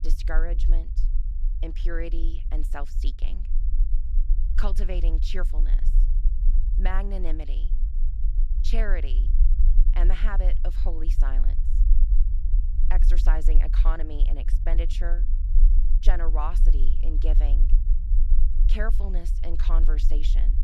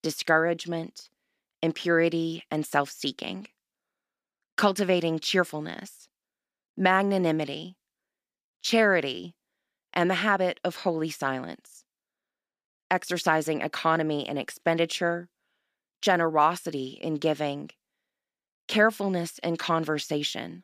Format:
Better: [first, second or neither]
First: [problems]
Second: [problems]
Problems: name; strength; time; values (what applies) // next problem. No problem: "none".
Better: second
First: low rumble; noticeable; throughout; 10 dB below the speech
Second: none